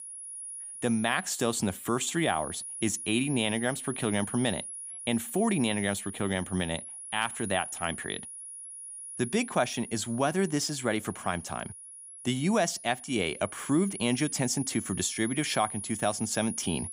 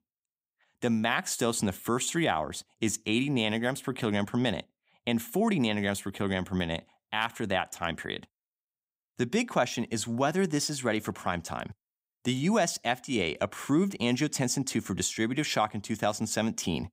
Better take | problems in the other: second | high-pitched whine; loud; throughout; 10.5 kHz, 9 dB below the speech

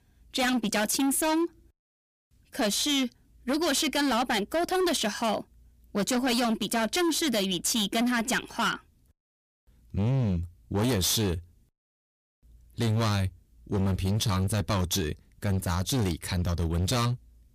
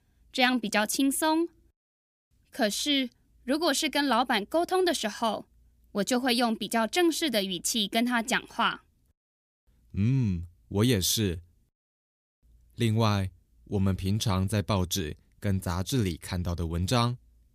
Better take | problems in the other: second | distortion; heavy; 18% of the sound clipped

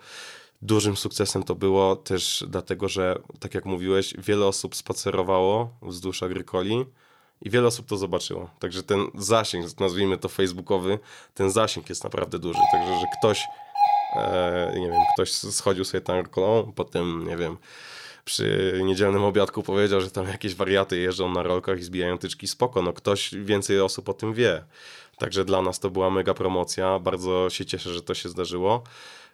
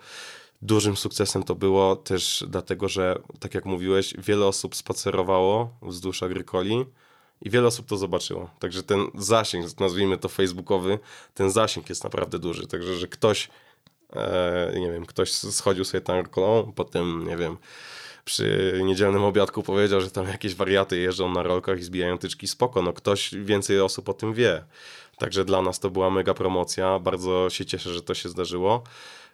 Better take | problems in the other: second | doorbell; loud; from 13 to 15 s; peak 5 dB above the speech

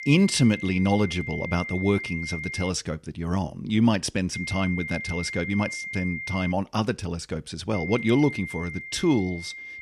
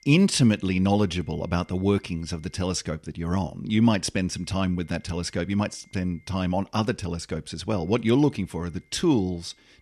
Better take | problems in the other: second | high-pitched whine; loud; until 2.5 s, from 4.5 to 6.5 s and from 7.5 s on; 2 kHz, 8 dB below the speech; faint in the second

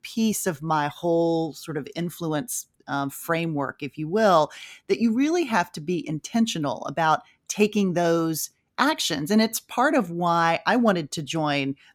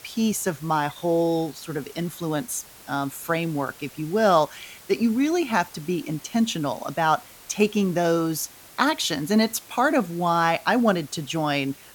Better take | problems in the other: first | hiss; faint; throughout; 20 dB below the speech

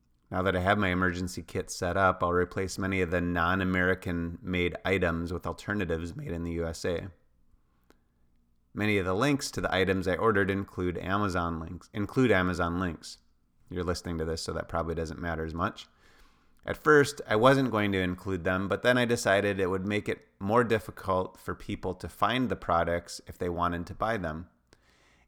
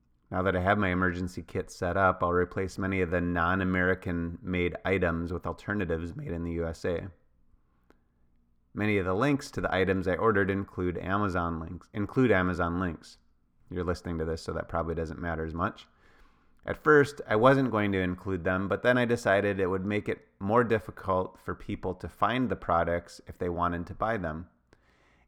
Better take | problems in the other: first | muffled; slightly; fading above 3 kHz

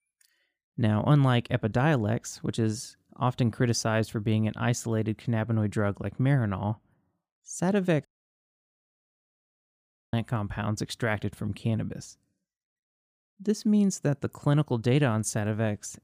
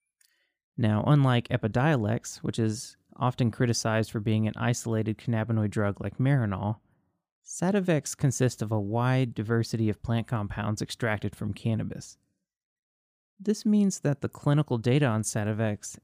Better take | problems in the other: second | audio cutting out; at 8 s for 2 s

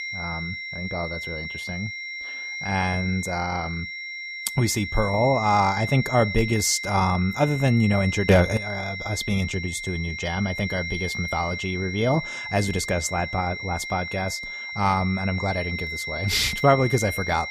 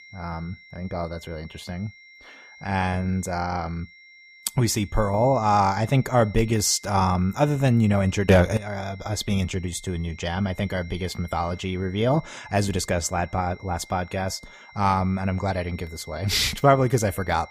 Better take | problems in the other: second | high-pitched whine; loud; throughout; 2 kHz, 6 dB below the speech; faint in the second

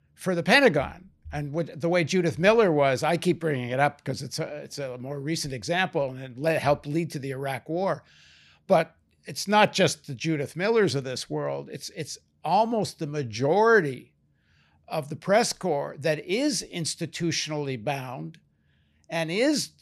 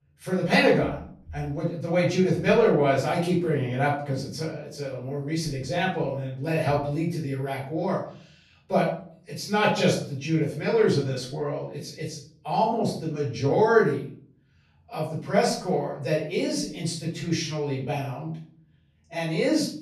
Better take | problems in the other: first | off-mic speech; far // room echo; noticeable; dies away in 0.5 s

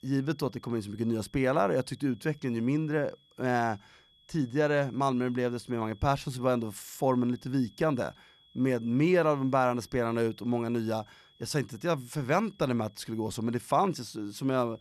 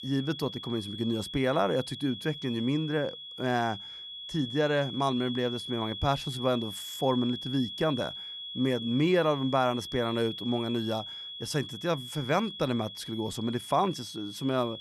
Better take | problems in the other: first | high-pitched whine; loud; throughout; 3.5 kHz, 8 dB below the speech; faint in the first

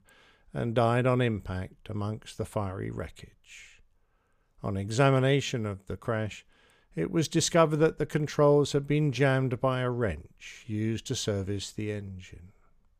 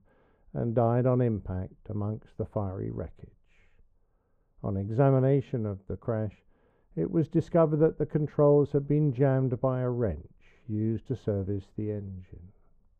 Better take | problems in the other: first | muffled; very; fading above 2 kHz

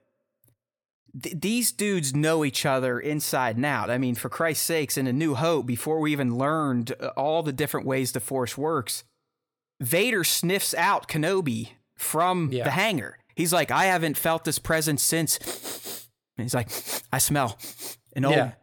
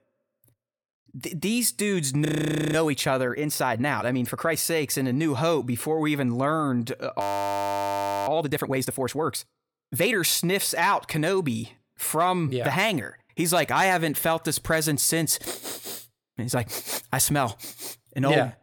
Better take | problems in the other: first | audio freezing; at 2.5 s and at 7 s for 1 s

